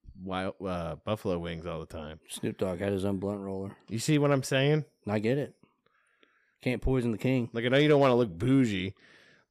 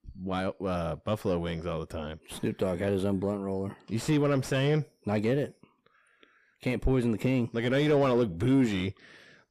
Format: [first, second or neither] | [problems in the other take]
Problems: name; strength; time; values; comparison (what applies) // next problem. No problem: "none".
first | distortion; slight; 9 dB below the speech